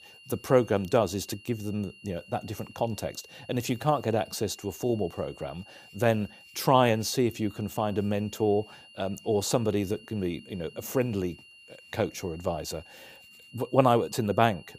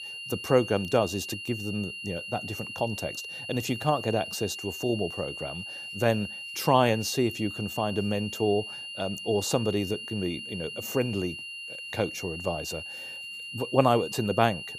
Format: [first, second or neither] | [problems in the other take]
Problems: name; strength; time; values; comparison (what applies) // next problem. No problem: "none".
first | high-pitched whine; loud; throughout; 3 kHz, 7 dB below the speech; faint in the first